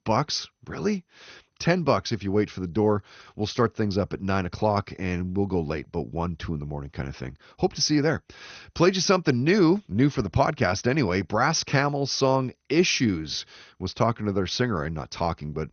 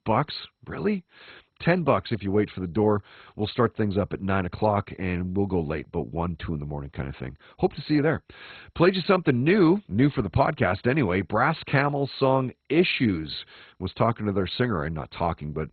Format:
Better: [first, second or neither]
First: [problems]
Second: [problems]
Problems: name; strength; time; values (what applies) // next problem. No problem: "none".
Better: first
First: garbled, watery; slightly; nothing above 6.5 kHz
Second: garbled, watery; badly; nothing above 4 kHz